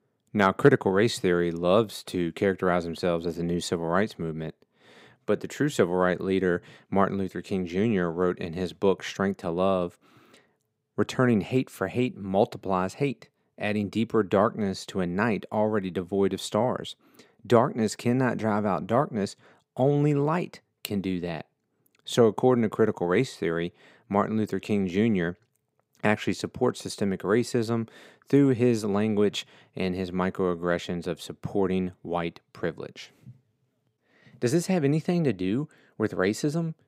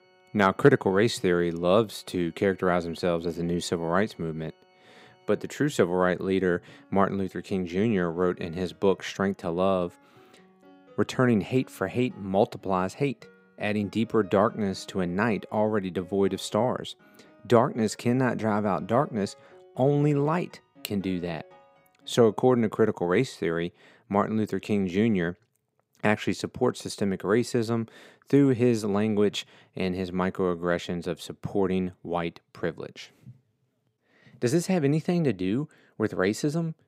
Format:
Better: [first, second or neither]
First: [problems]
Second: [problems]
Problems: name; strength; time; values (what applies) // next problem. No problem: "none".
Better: first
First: none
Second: background music; faint; until 22 s; 30 dB below the speech